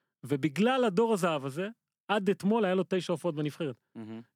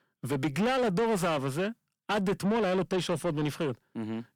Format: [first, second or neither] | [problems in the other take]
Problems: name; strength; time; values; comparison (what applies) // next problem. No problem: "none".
first | distortion; heavy; 7 dB below the speech